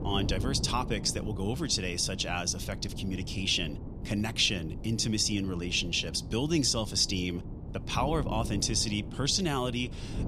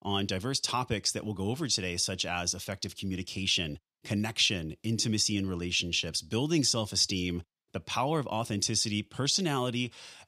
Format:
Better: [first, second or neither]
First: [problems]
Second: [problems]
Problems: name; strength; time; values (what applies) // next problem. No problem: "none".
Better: second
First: wind noise on the microphone; occasional gusts; 15 dB below the speech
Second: none